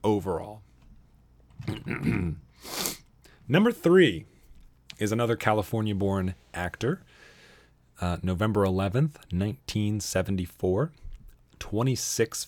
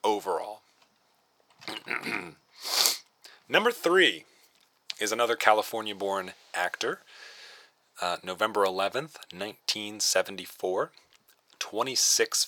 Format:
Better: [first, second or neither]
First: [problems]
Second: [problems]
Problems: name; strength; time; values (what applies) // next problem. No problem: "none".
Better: first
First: none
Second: thin; very; fading below 650 Hz